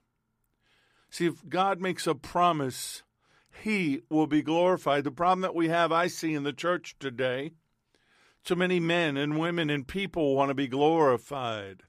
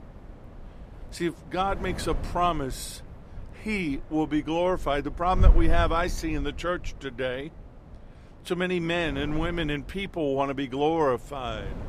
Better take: first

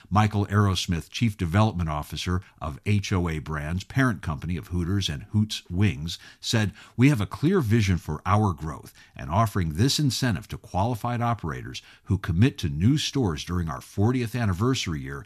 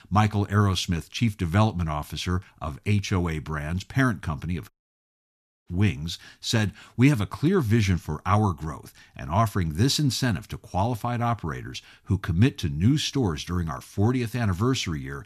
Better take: first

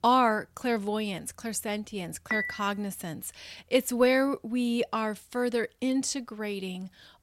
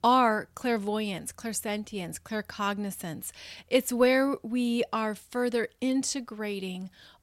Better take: second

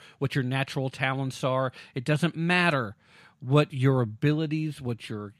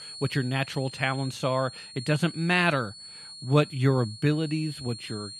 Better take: first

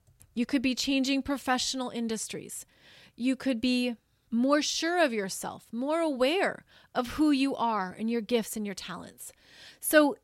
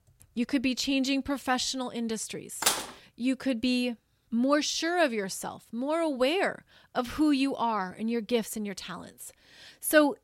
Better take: first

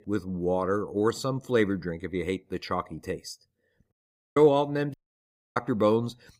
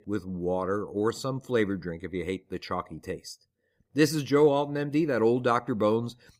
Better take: second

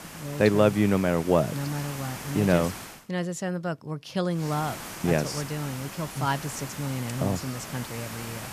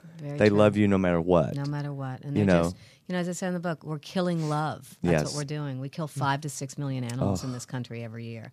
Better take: second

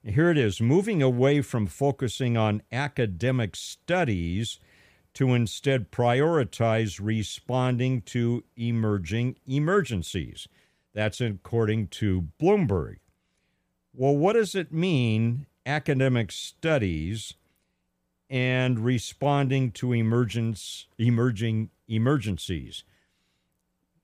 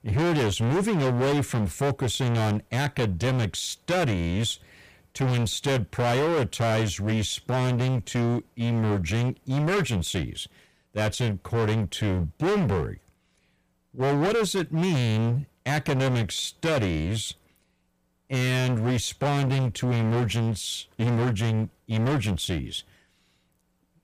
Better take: first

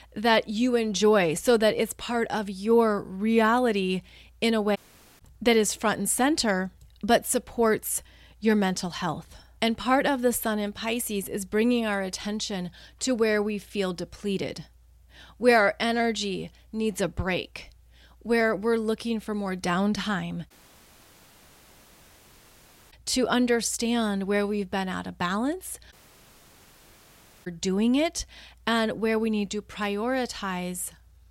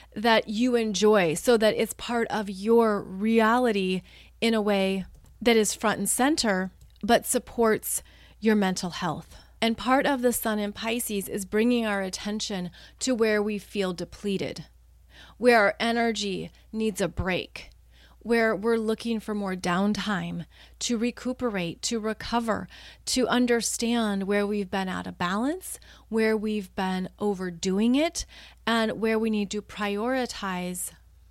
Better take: second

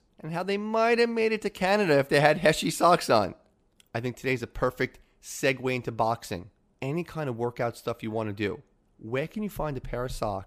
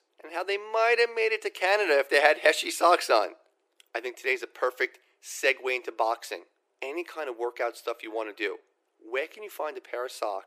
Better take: first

